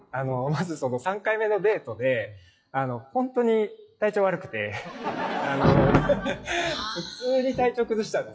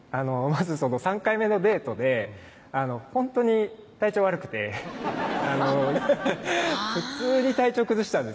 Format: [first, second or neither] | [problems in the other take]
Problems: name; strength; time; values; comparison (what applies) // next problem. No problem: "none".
second | noise reduction (classical method log-MMSE)